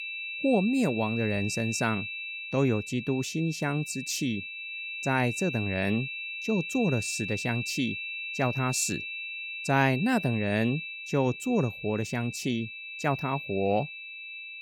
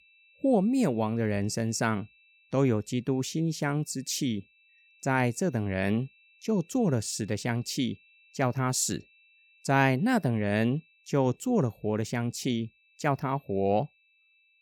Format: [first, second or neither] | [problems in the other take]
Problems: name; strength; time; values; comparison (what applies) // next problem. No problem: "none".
second | high-pitched whine; loud; throughout; 2.5 kHz, 6 dB below the speech; faint in the second